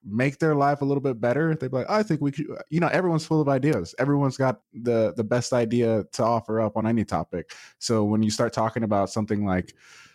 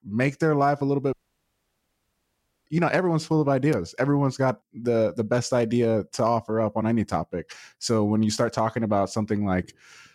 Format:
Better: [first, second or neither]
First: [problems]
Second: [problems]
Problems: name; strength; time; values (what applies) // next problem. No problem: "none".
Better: first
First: none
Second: audio cutting out; at 1 s for 1.5 s